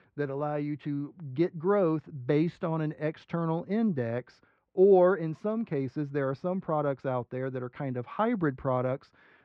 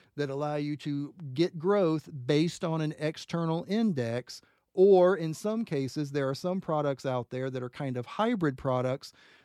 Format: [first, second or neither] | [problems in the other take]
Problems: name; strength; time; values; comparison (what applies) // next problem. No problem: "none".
second | muffled; very; fading above 1.5 kHz